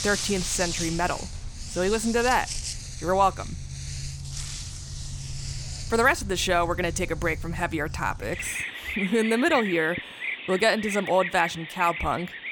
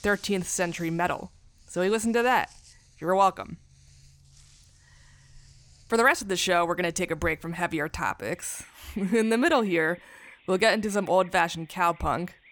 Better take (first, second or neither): second